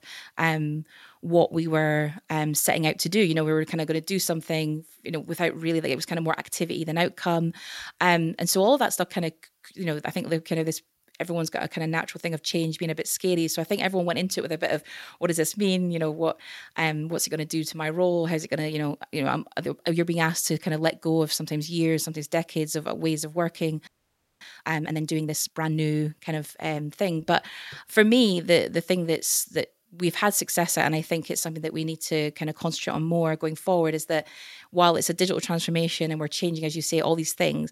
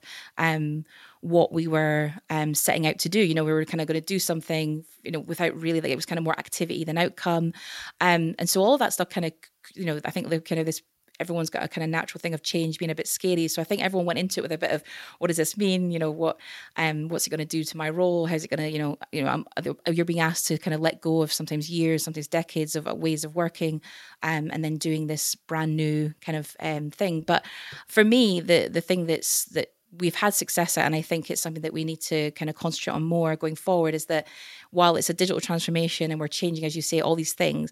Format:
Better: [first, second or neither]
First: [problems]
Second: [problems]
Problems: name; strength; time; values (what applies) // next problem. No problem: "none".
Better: second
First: audio freezing; at 24 s for 0.5 s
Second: none